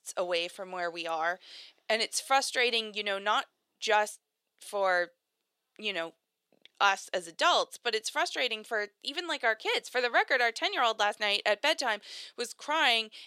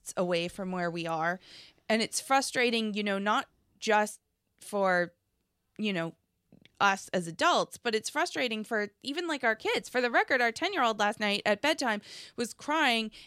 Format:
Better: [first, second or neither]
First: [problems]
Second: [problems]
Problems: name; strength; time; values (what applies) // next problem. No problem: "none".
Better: second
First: thin; somewhat; fading below 500 Hz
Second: none